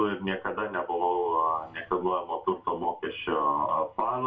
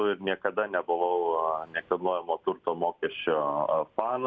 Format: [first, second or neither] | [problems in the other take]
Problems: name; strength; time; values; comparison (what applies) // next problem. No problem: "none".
second | room echo; dies away in 0.2 s